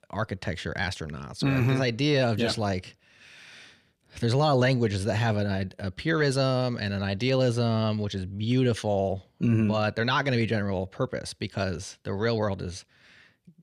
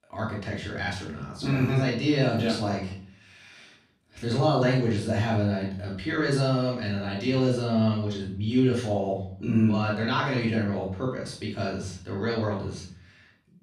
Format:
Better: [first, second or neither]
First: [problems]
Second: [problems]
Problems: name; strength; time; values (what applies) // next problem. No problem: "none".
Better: first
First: none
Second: off-mic speech; far // room echo; noticeable; dies away in 0.5 s